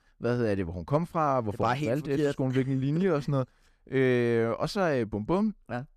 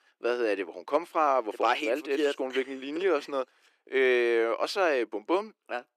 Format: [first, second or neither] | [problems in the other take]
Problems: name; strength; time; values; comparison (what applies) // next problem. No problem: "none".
first | thin; very; fading below 350 Hz